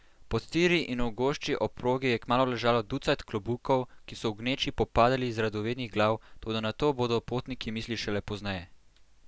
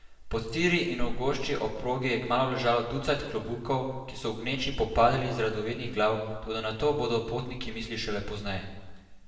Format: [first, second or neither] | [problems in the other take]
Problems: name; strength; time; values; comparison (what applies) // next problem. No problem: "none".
first | room echo; dies away in 1.2 s